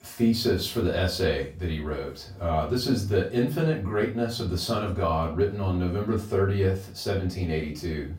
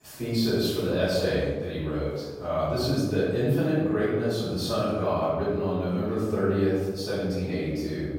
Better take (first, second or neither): first